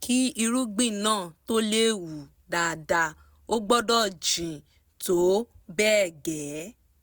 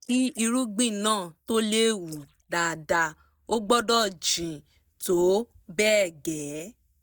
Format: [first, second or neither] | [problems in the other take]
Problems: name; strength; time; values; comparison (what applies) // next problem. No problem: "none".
first | noise reduction (neural mask model DeepFilterNet 3)